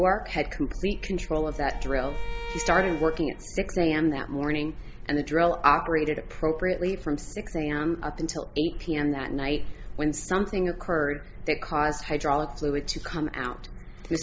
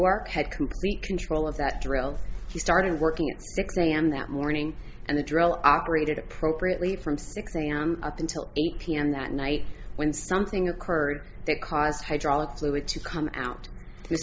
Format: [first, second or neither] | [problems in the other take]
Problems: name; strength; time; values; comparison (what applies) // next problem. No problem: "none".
second | background sound (Bowed string instrument); 15 dB below the speech